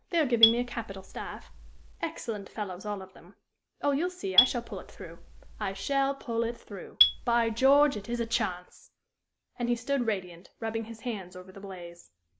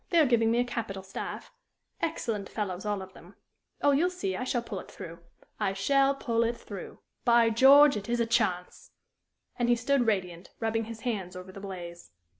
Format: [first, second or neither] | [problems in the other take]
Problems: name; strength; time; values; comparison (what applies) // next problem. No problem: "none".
second | background sound (Marimba, xylophone); 1 dB below the speech